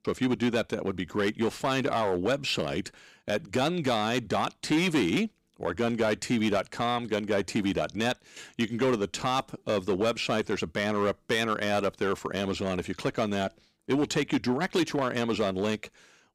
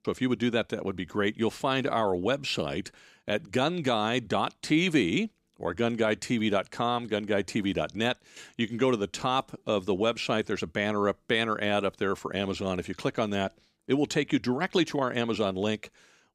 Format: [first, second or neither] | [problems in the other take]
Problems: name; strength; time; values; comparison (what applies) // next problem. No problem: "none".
second | distortion; slight; 6% of the sound clipped